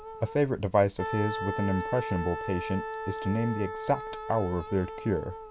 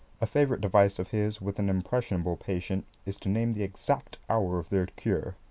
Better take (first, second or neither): second